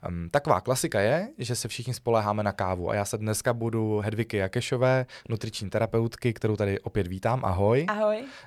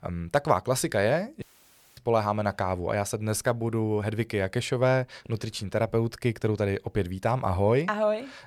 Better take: first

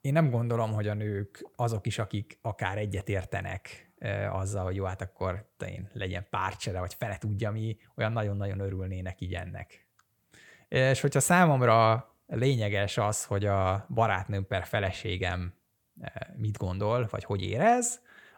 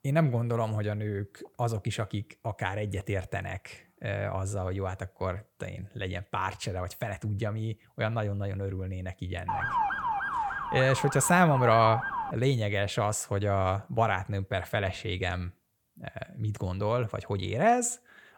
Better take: first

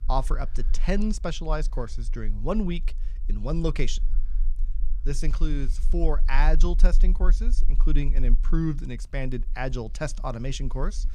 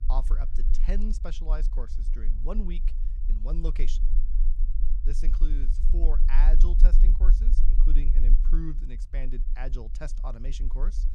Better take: first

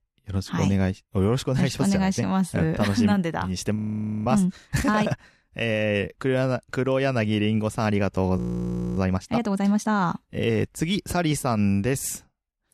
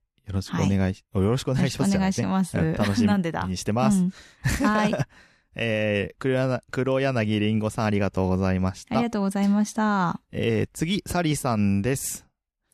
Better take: second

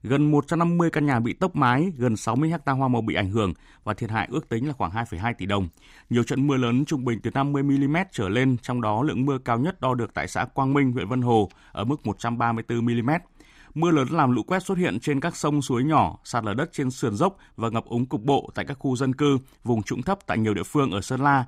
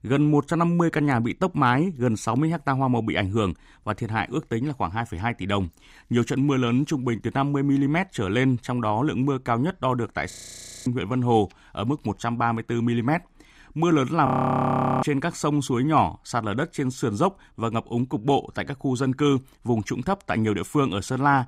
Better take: first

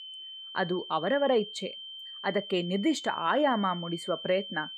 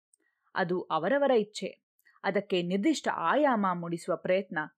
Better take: second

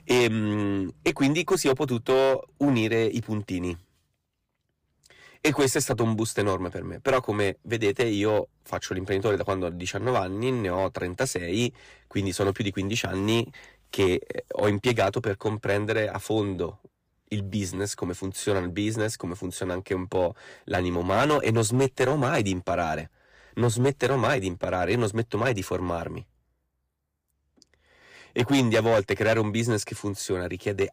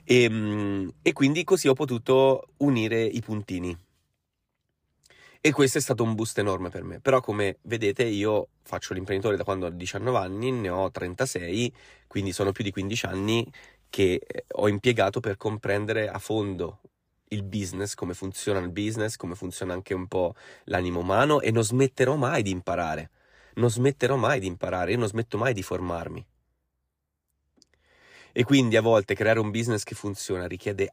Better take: second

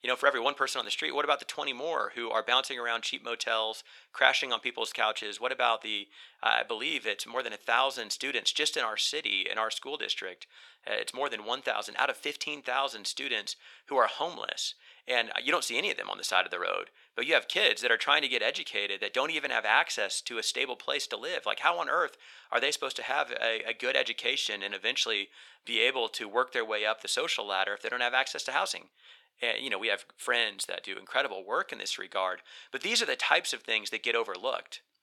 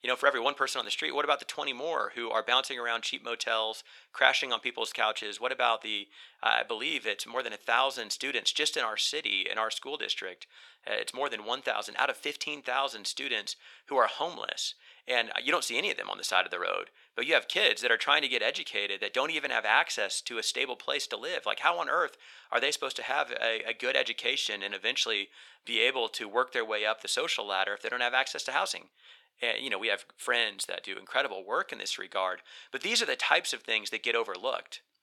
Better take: neither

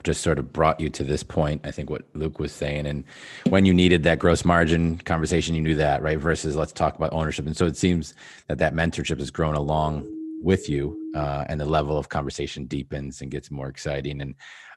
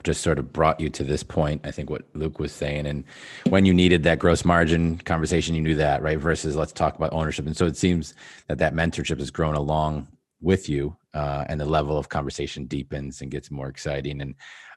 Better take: second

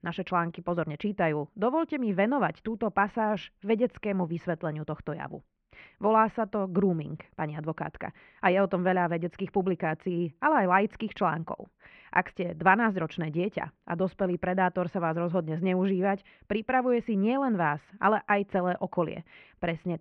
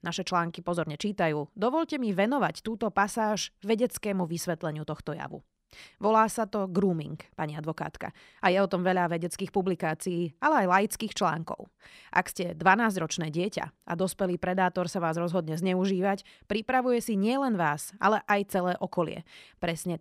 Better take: second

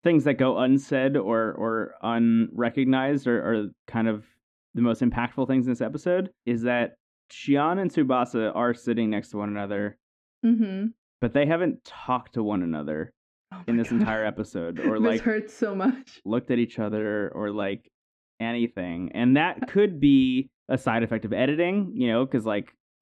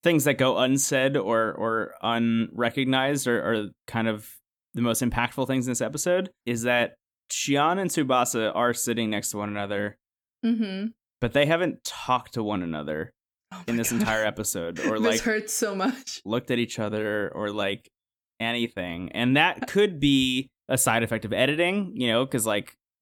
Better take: second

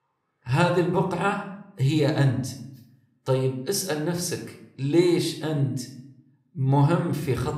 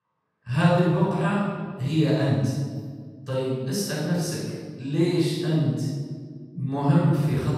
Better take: first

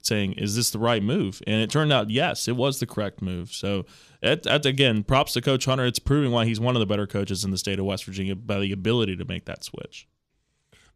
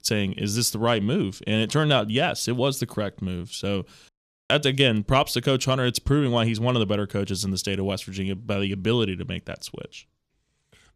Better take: first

